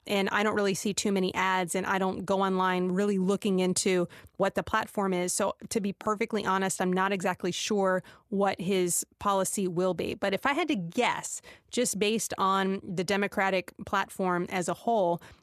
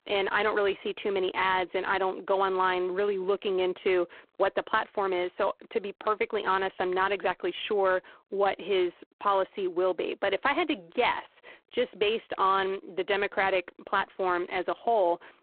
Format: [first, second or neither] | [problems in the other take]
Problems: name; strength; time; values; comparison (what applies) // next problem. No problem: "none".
first | phone-call audio; poor line